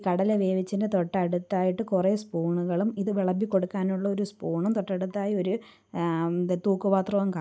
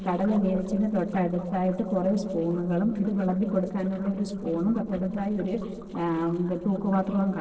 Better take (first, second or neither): first